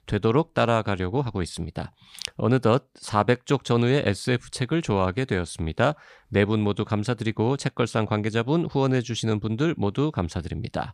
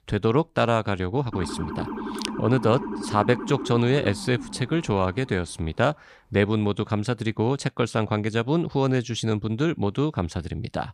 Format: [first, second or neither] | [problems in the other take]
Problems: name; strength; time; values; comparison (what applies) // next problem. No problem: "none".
first | siren; noticeable; from 1.5 to 5.5 s; peak 7 dB below the speech